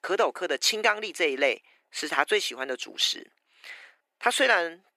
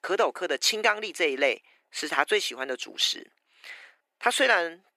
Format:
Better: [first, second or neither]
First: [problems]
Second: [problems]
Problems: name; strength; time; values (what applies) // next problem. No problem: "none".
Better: neither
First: thin; very; fading below 350 Hz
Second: thin; very; fading below 350 Hz